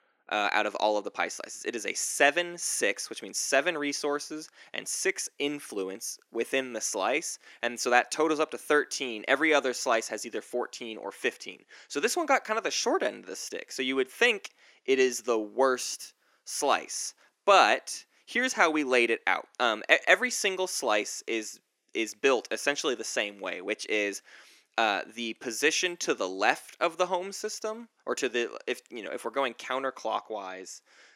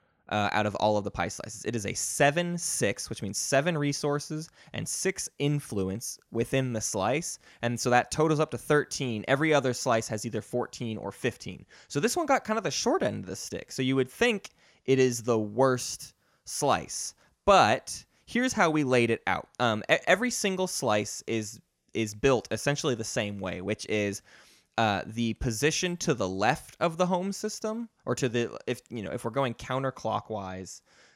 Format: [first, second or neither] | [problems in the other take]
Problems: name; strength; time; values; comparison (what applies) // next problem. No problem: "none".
second | thin; somewhat; fading below 300 Hz